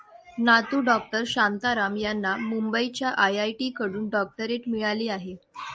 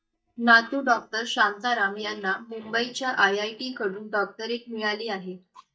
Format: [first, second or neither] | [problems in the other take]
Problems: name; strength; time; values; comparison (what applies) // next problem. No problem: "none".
first | noise reduction (neural mask model DeepFilterNet 3)